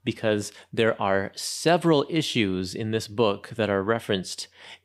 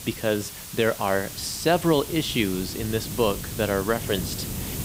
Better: first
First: none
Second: hiss; loud; throughout; 8 dB below the speech

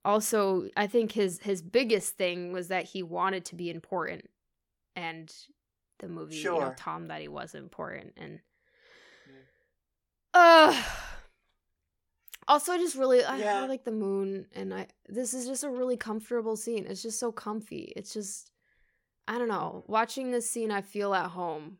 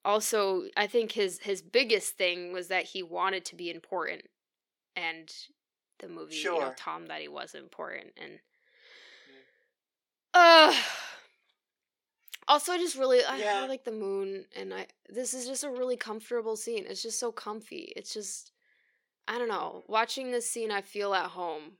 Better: first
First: none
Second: thin; very slightly; fading below 350 Hz

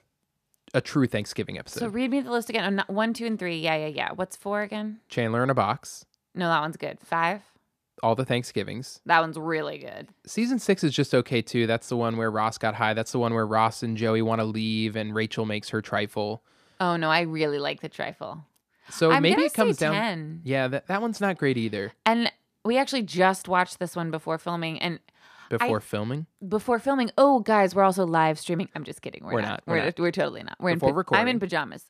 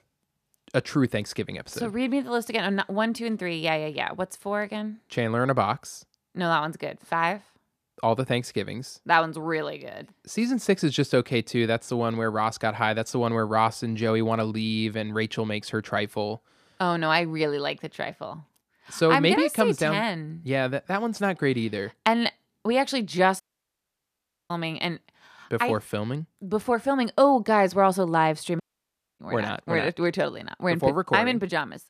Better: first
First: none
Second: audio cutting out; at 23 s for 1 s and at 29 s for 0.5 s

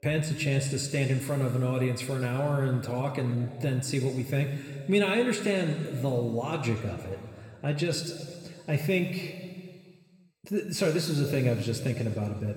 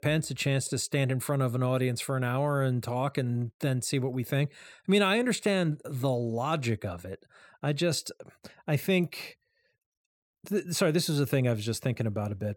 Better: second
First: room echo; noticeable; dies away in 2 s // off-mic speech; somewhat distant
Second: none

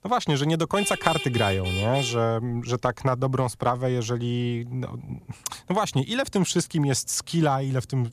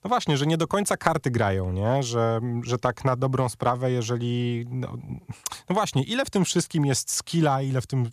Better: second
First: traffic noise; loud; throughout; 5 dB below the speech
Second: none

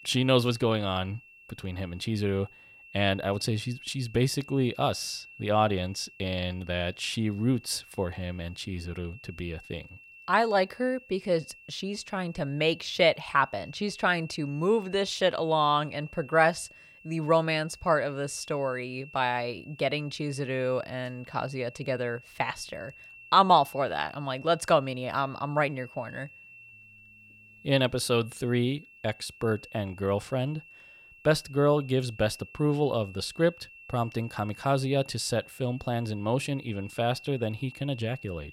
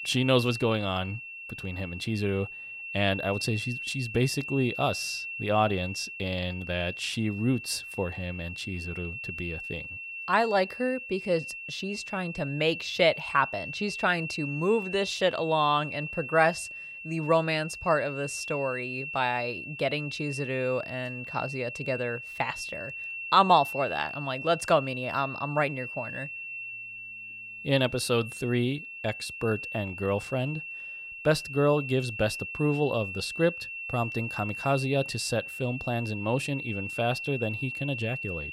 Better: first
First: high-pitched whine; faint; throughout; 2.5 kHz, 20 dB below the speech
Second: high-pitched whine; loud; throughout; 2.5 kHz, 7 dB below the speech

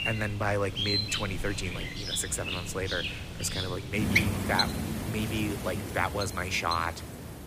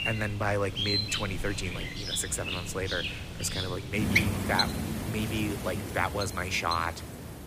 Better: neither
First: animal sounds; loud; throughout; as loud as the speech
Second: animal sounds; loud; throughout; as loud as the speech

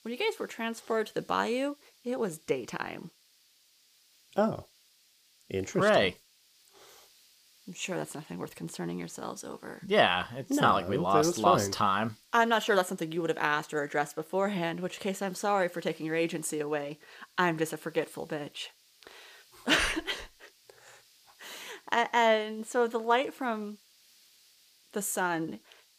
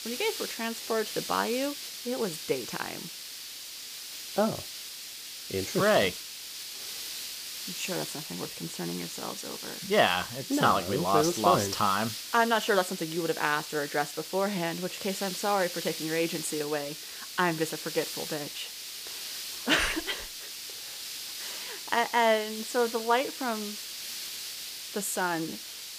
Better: first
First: hiss; faint; throughout; 30 dB below the speech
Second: hiss; loud; throughout; 7 dB below the speech

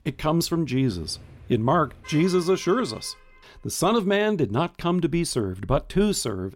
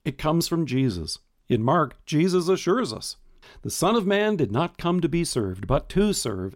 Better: second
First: traffic noise; faint; until 2.5 s; 20 dB below the speech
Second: none

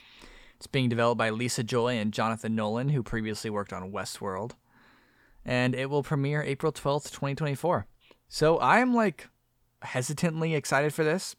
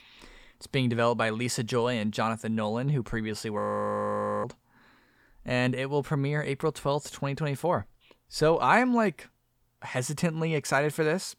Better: first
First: none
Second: audio freezing; at 3.5 s for 1 s

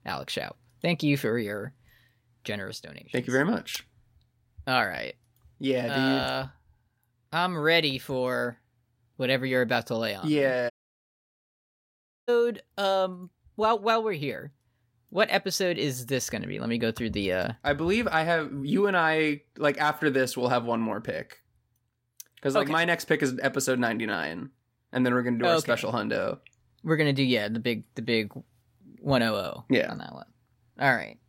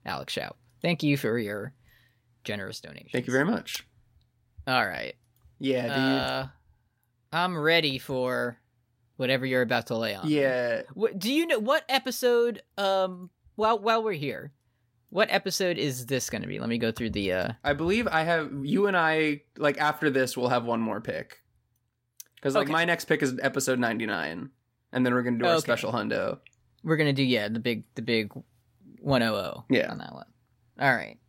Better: second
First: audio cutting out; at 11 s for 1.5 s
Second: none

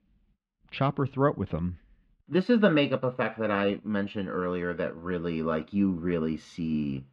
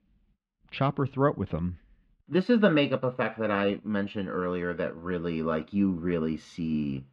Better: neither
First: muffled; very; fading above 3 kHz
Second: muffled; very; fading above 3 kHz

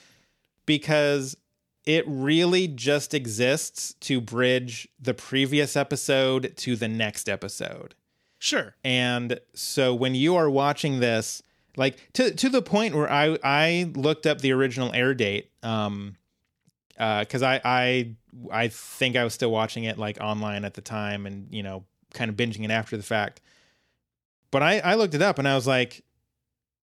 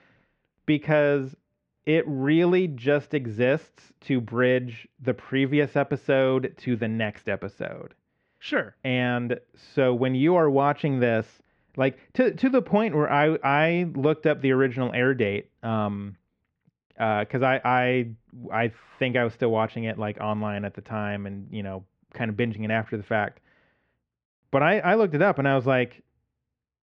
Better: first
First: none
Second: muffled; very; fading above 2 kHz

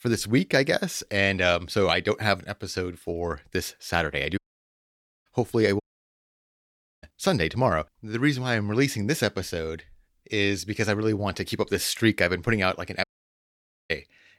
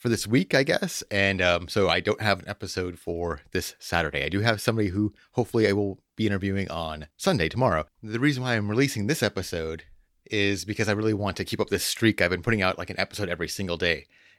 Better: second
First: audio cutting out; at 4.5 s for 1 s, at 6 s for 1 s and at 13 s for 1 s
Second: none

